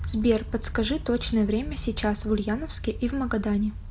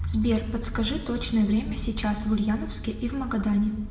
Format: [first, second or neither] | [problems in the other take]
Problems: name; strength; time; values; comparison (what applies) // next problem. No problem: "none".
first | room echo; dies away in 1.6 s